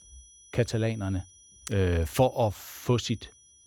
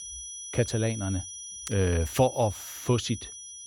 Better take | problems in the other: first | high-pitched whine; loud; throughout; 6 kHz, 10 dB below the speech; faint in the first

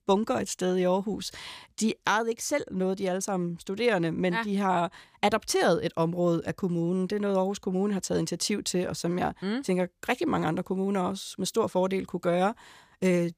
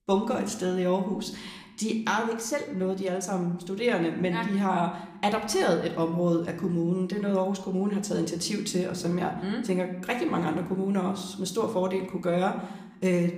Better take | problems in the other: first | room echo; slight; dies away in 0.7 s

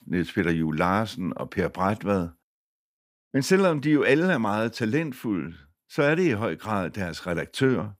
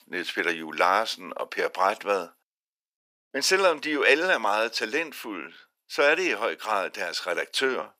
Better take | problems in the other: first | thin; very; fading below 500 Hz

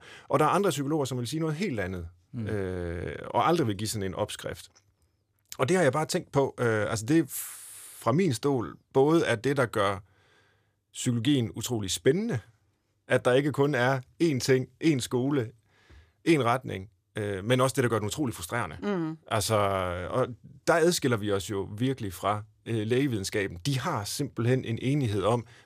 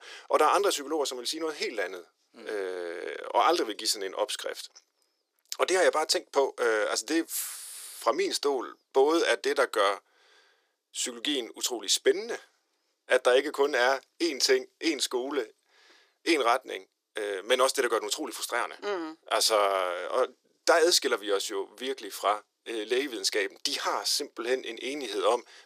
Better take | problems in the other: first | thin; very; fading below 350 Hz

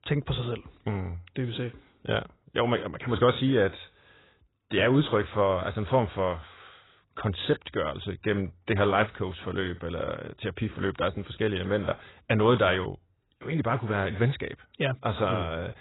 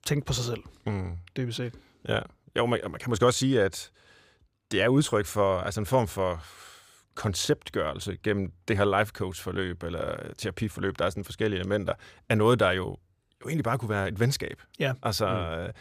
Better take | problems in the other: second | garbled, watery; badly; nothing above 4 kHz

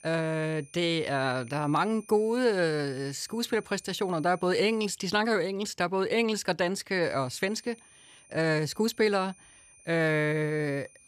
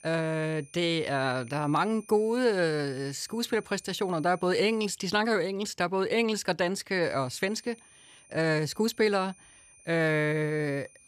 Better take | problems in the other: neither | high-pitched whine; faint; until 5 s and from 7 s on; 9 kHz, 25 dB below the speech; the same in both

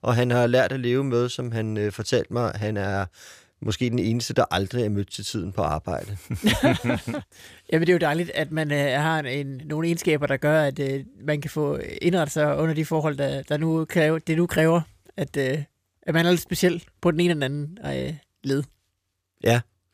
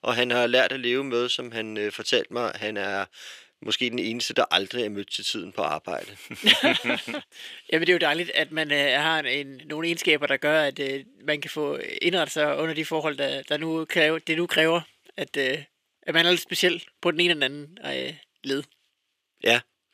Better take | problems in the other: first | thin; somewhat; fading below 300 Hz

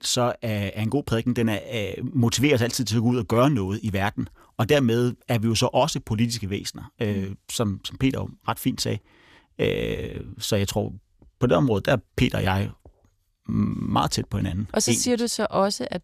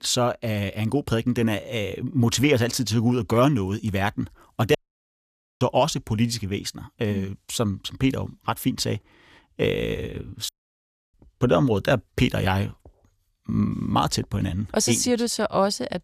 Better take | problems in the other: first | audio cutting out; at 5 s for 1 s and at 10 s for 0.5 s

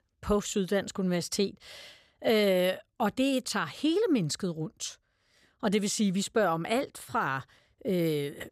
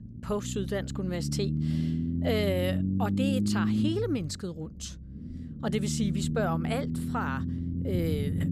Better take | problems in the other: first | low rumble; loud; throughout; 5 dB below the speech

